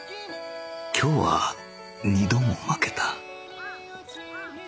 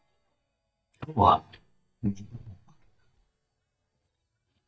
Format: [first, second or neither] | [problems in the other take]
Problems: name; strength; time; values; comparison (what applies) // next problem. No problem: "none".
first | noise reduction (neural mask model DeepFilterNet 3)